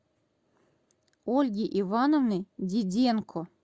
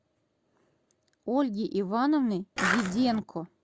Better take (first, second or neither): first